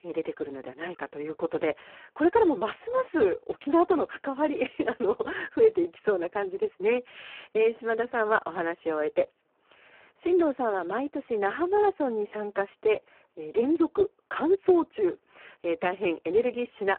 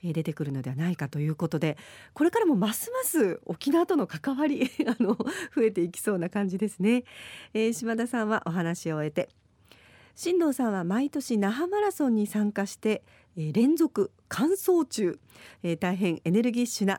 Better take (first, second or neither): second